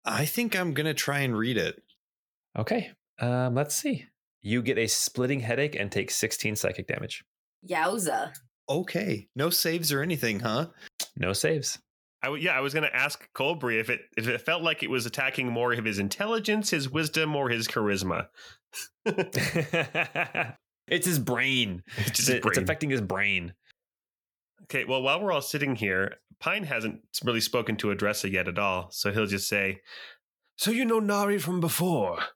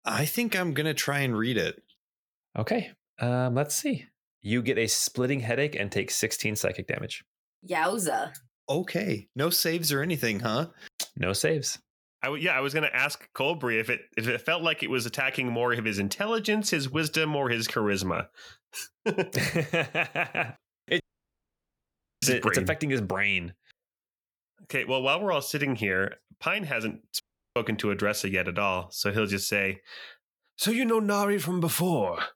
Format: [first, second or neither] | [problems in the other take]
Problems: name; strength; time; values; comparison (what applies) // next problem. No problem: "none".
first | audio cutting out; at 21 s for 1 s and at 27 s